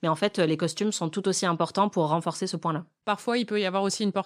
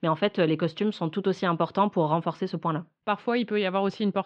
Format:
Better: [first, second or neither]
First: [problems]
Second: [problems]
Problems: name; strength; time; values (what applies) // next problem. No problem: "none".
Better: first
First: none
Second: muffled; very; fading above 3 kHz